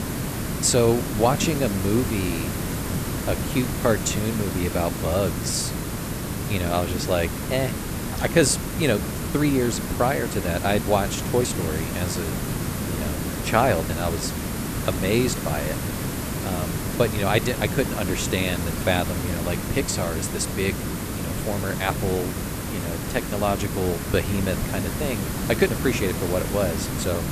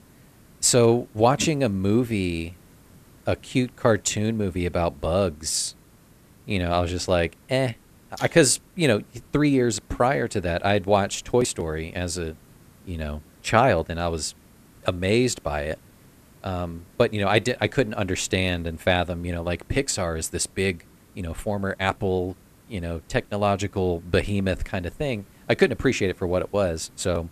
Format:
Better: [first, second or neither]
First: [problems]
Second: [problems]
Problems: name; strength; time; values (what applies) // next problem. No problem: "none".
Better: second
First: hiss; loud; throughout; 3 dB below the speech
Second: hiss; faint; throughout; 30 dB below the speech